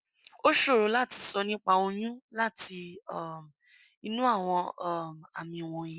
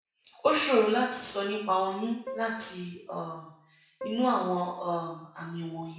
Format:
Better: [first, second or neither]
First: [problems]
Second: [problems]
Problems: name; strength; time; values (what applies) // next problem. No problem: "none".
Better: first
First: none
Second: background sound (Keyboard (musical)); 12 dB below the speech // room echo; dies away in 0.6 s